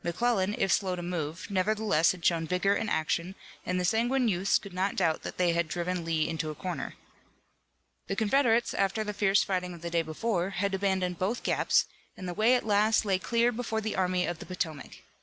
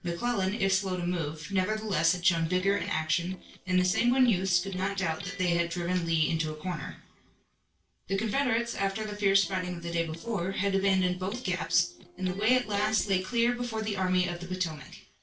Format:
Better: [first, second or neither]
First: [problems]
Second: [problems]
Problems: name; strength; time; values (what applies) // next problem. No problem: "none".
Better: first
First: none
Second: noise reduction (neural separator model SepFormer DNS4)